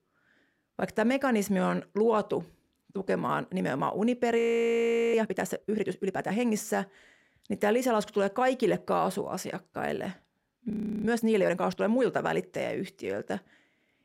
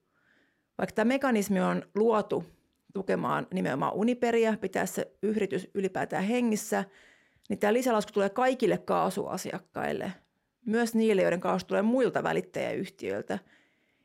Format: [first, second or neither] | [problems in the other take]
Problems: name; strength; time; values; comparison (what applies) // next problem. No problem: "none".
second | audio freezing; at 4.5 s for 1 s and at 11 s